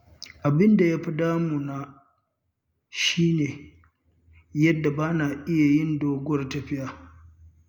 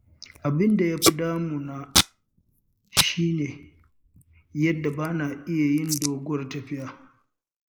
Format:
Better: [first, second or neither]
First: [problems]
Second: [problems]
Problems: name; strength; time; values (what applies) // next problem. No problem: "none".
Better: first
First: none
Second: noise reduction (neural mask model Resemble Enhance denoiser)